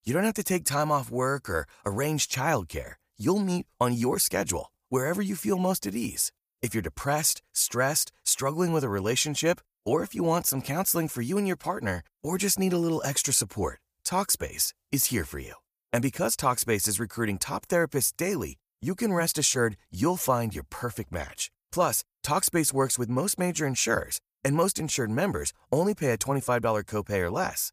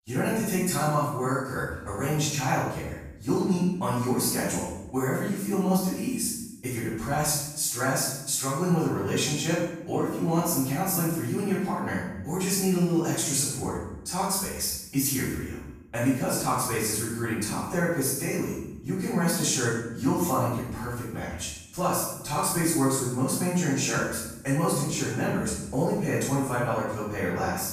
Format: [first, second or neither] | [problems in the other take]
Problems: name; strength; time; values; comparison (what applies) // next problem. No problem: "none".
first | off-mic speech; far // room echo; strong; dies away in 0.8 s